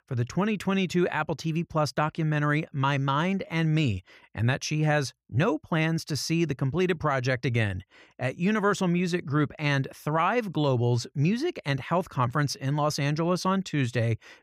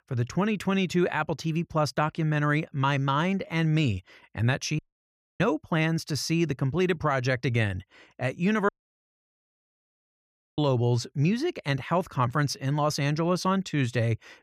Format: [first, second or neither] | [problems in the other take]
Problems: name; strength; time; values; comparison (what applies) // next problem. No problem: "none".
first | audio cutting out; at 5 s for 0.5 s and at 8.5 s for 2 s